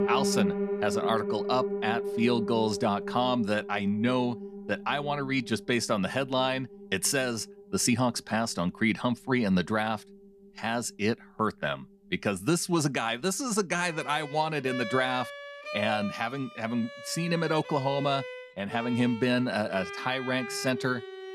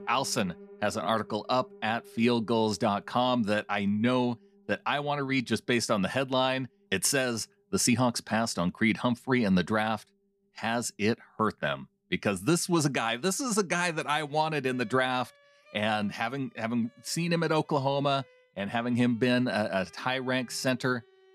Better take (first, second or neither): second